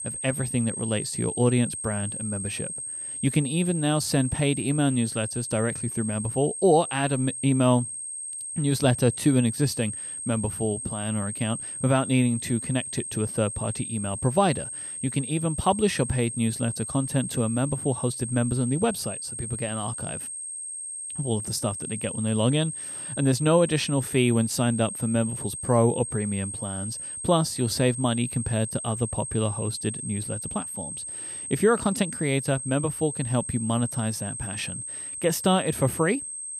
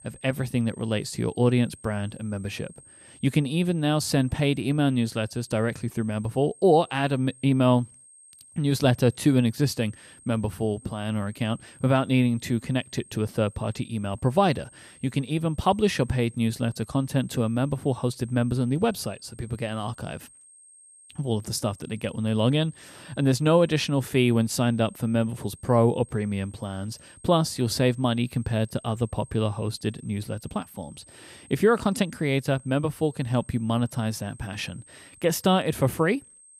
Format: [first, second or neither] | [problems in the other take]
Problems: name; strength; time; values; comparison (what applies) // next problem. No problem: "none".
second | high-pitched whine; loud; throughout; 8.5 kHz, 6 dB below the speech; faint in the second